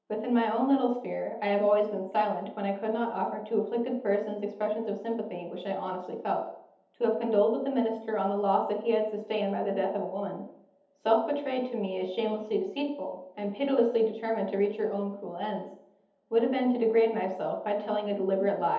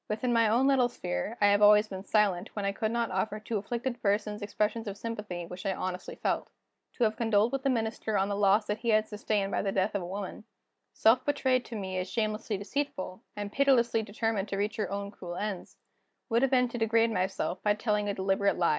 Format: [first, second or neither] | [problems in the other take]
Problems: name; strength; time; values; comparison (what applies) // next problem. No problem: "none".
second | room echo; dies away in 0.8 s